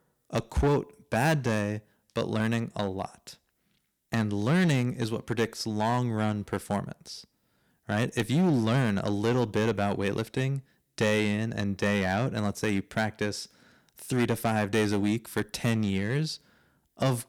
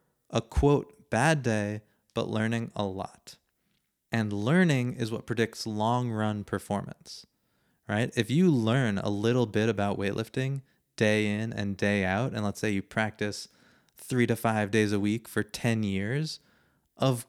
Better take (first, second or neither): second